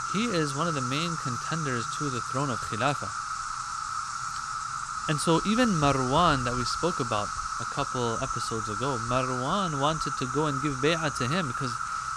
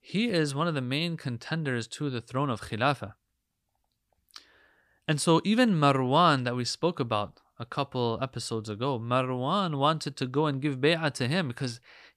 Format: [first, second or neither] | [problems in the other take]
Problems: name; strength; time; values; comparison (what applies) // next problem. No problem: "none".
second | animal sounds; loud; throughout; 3 dB below the speech